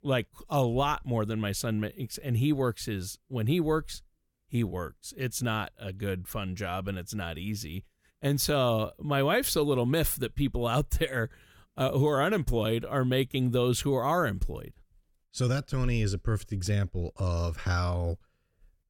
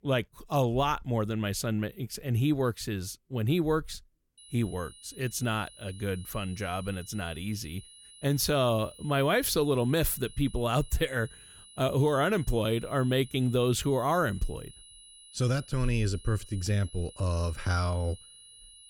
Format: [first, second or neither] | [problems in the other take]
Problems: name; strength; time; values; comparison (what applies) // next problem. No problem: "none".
first | high-pitched whine; noticeable; from 4.5 s on; 10.5 kHz, 20 dB below the speech